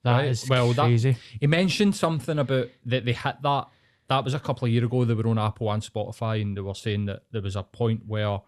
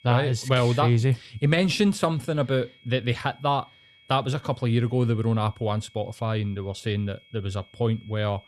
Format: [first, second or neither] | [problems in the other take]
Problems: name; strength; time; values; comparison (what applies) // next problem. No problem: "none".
first | high-pitched whine; faint; throughout; 3.5 kHz, 30 dB below the speech